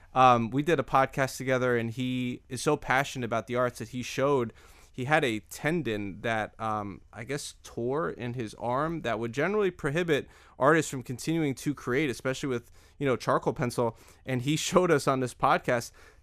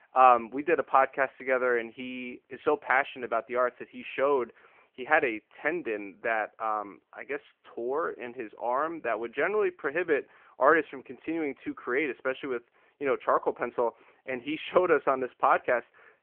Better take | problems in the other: first | phone-call audio

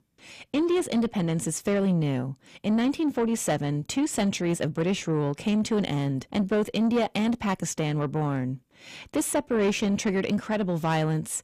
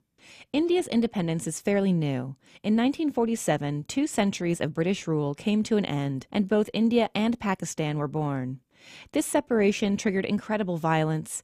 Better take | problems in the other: second | distortion; slight; 10 dB below the speech

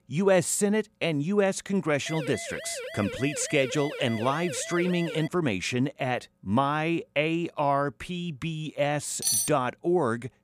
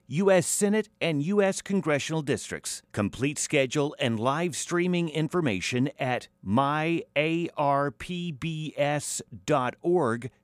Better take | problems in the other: second | siren; noticeable; from 2 to 5.5 s; peak 9 dB below the speech // clattering dishes; loud; at 9 s; peak 3 dB above the speech

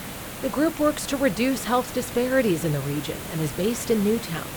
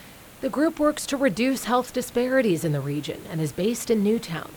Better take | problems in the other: second | hiss; loud; throughout; 9 dB below the speech; faint in the second

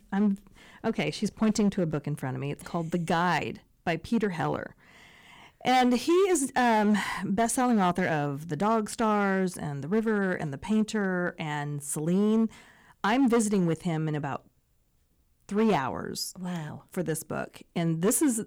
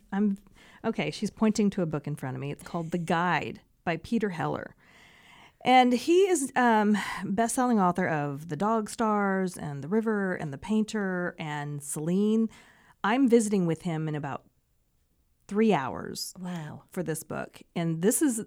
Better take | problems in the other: second | distortion; slight; 6% of the sound clipped

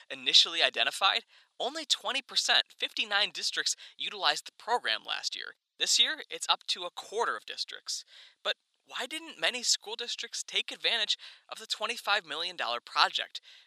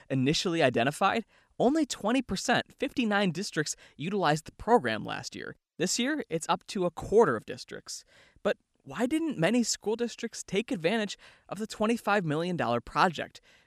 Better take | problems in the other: second | thin; very; fading below 900 Hz

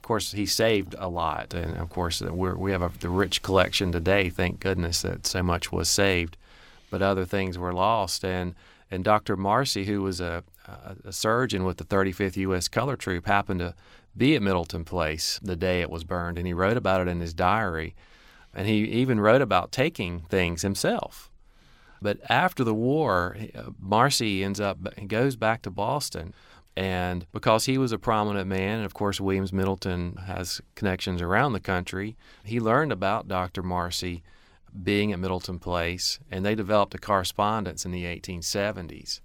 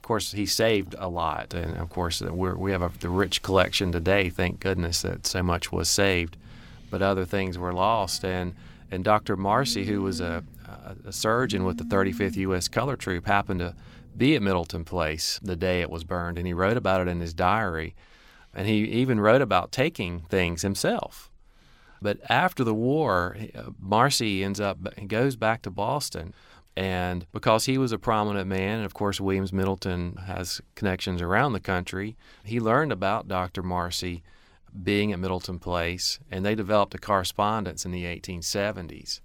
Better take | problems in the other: first | phone ringing; noticeable; from 6.5 to 14 s; peak 8 dB below the speech

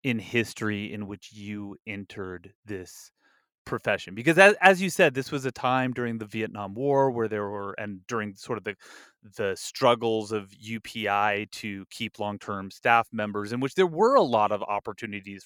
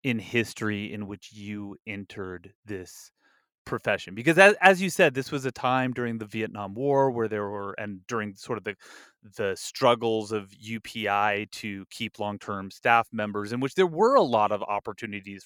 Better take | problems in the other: neither | none

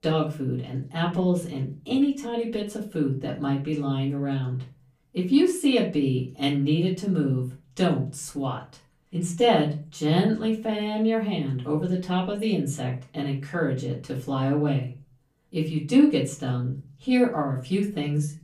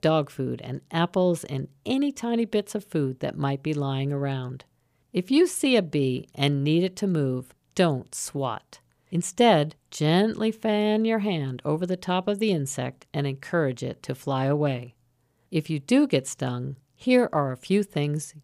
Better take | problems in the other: second | room echo; slight; dies away in 0.3 s // off-mic speech; far

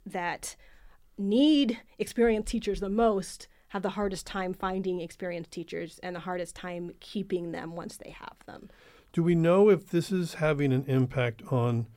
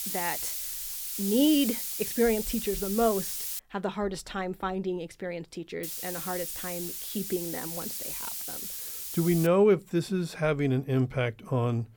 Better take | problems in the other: first | hiss; loud; until 3.5 s and from 6 to 9.5 s; 4 dB below the speech

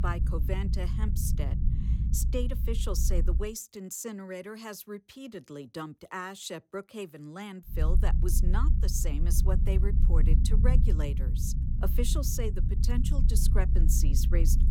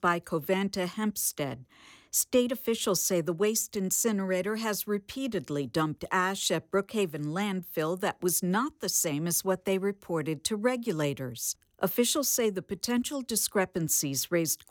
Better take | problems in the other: second | low rumble; loud; until 3.5 s and from 8 s on; 7 dB below the speech

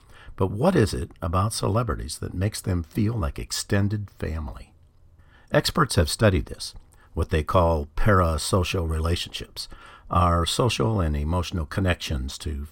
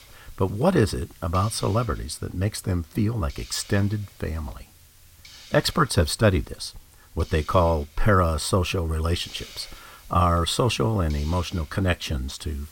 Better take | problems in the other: first | hiss; faint; throughout; 20 dB below the speech

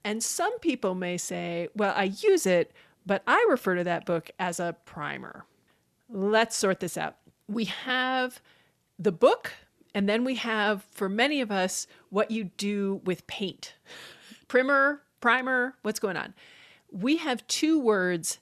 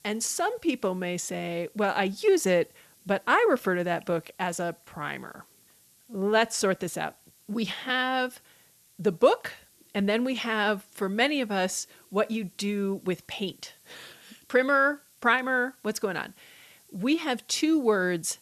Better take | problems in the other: first | hiss; faint; throughout; 30 dB below the speech

